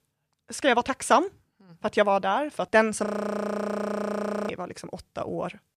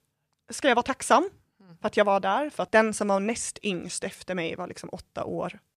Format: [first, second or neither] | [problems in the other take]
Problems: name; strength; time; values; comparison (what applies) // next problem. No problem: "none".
second | audio freezing; at 3 s for 1.5 s